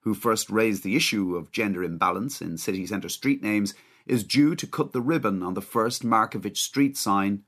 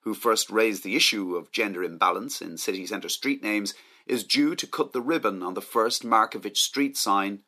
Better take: first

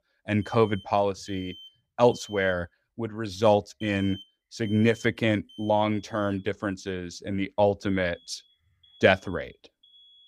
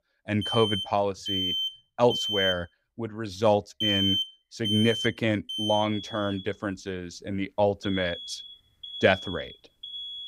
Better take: first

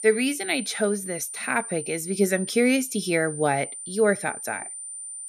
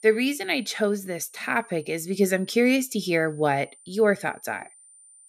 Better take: second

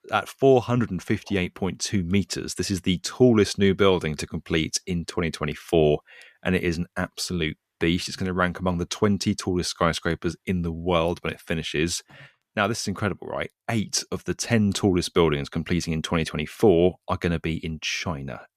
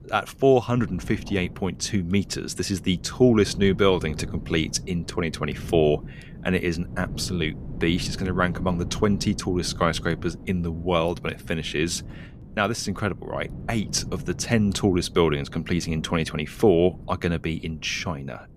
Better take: first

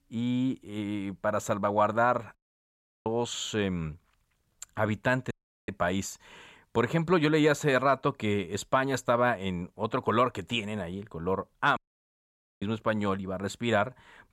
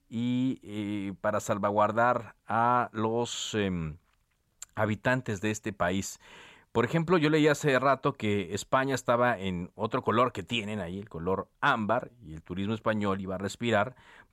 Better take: second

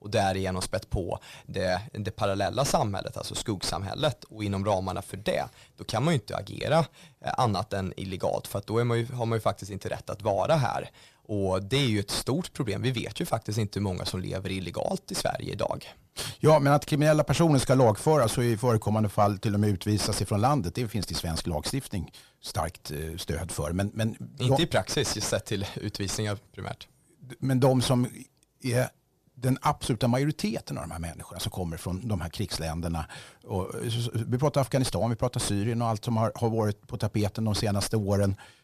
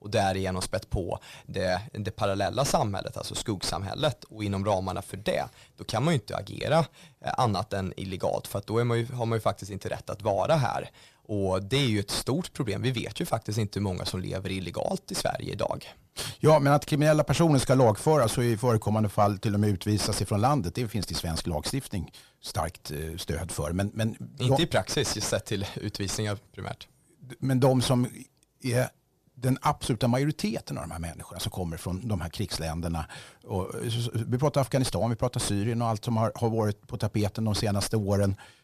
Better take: neither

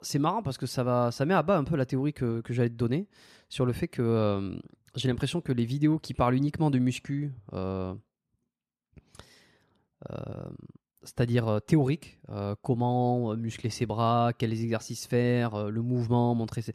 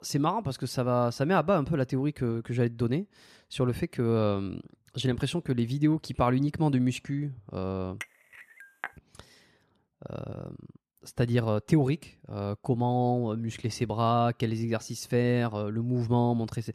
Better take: first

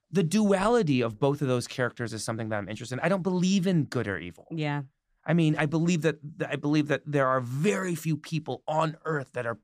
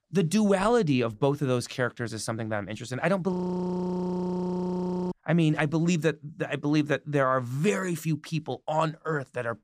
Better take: first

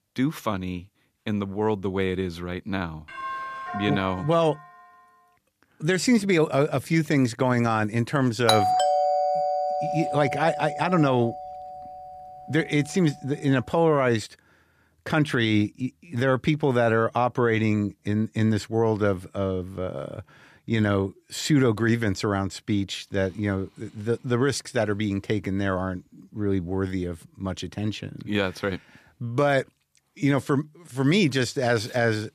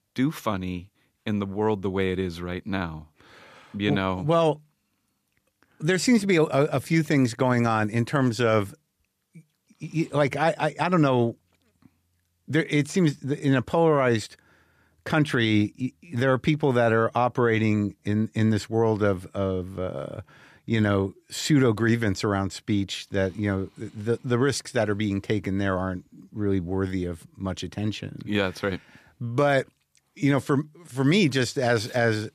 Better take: second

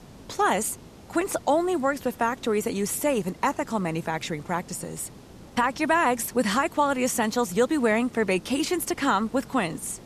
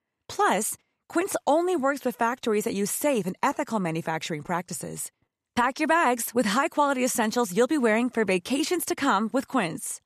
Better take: second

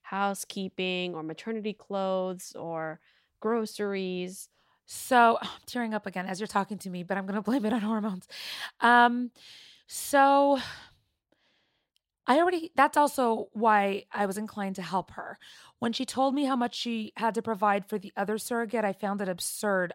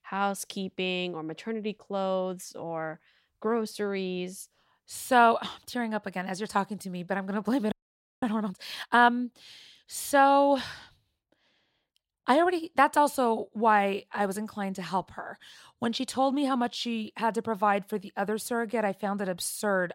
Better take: first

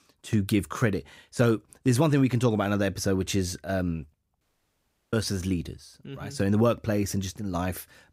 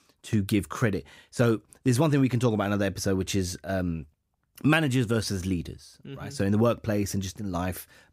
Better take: second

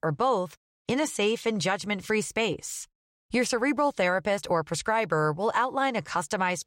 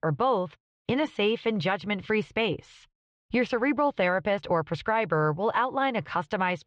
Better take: first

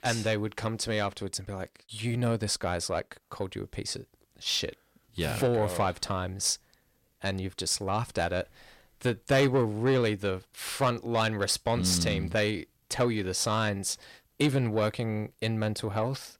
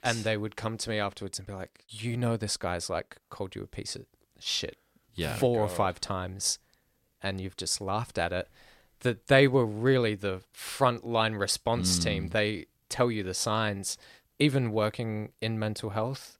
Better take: second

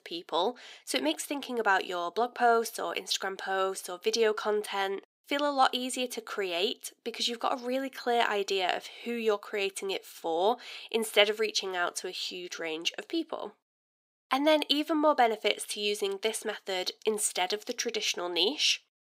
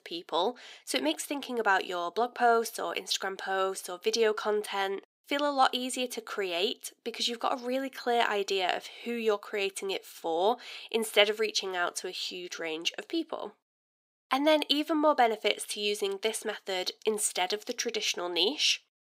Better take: neither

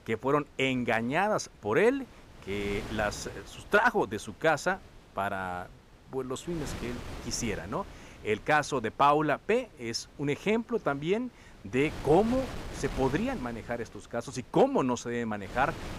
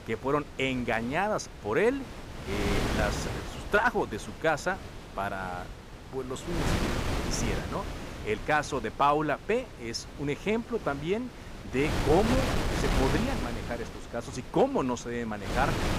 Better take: first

